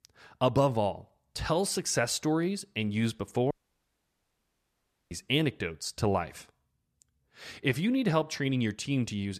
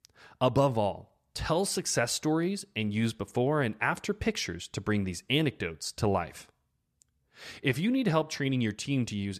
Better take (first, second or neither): second